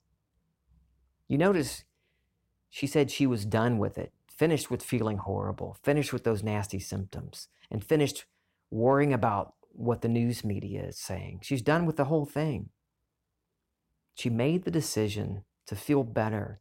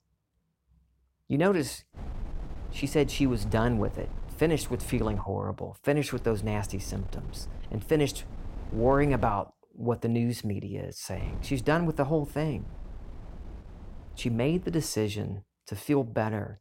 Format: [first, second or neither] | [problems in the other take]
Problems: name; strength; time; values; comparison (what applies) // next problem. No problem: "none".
first | wind noise on the microphone; occasional gusts; from 2 to 5 s, from 6 to 9.5 s and from 11 to 15 s; 20 dB below the speech